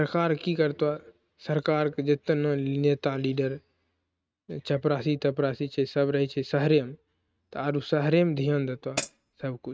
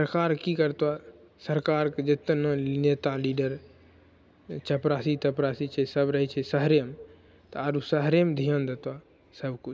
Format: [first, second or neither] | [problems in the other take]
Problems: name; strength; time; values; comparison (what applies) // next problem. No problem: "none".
second | noise reduction (neural mask model RNNoise)